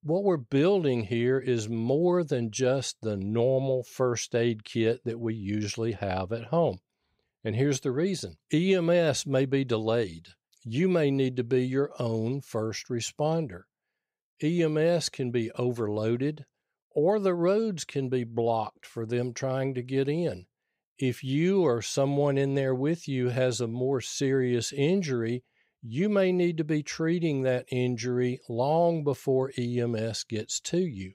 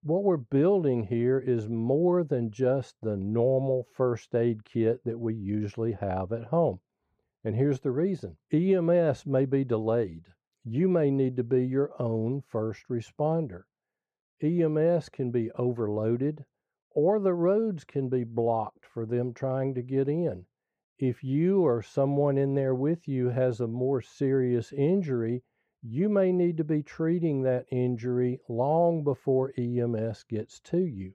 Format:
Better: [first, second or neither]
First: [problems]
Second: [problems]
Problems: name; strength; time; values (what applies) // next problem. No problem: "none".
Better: first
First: none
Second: muffled; very; fading above 2 kHz